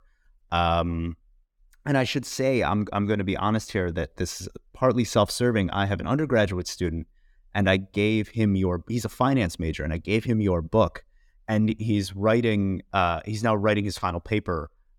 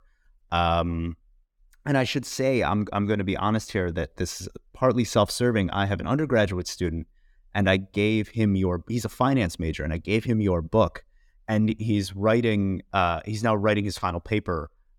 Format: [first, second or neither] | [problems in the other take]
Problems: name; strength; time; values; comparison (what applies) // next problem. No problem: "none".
neither | none